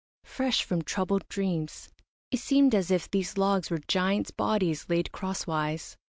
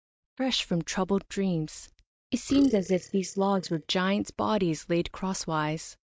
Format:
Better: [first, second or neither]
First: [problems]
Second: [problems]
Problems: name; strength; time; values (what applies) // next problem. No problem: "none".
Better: first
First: none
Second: noise reduction (neural mask model DeepFilterNet 3)